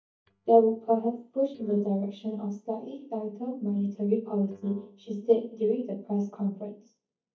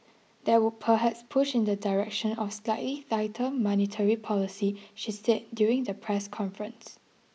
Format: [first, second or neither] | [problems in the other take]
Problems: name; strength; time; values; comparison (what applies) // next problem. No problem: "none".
second | noise reduction (neural mask model DeepFilterNet 3)